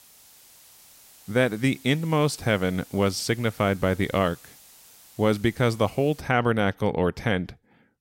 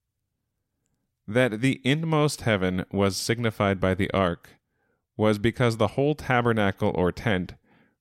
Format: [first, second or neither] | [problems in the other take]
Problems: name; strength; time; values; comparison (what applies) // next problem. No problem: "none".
second | hiss; faint; until 6 s; 25 dB below the speech